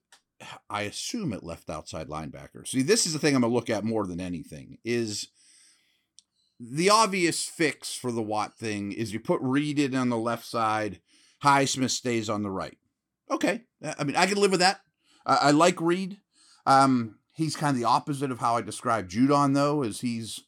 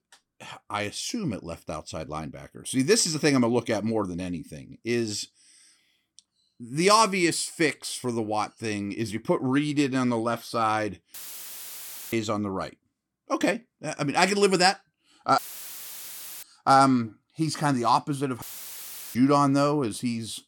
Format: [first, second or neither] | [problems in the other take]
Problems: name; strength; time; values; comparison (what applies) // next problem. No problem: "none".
first | audio cutting out; filled with static; at 11 s for 1 s, at 15 s for 1 s and at 18 s for 0.5 s